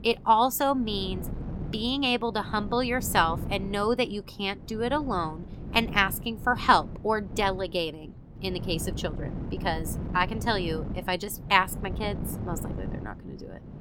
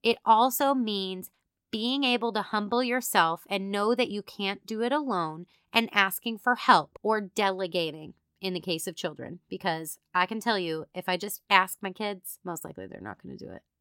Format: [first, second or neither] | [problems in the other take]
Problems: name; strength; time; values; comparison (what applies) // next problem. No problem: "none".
second | wind noise on the microphone; occasional gusts; 20 dB below the speech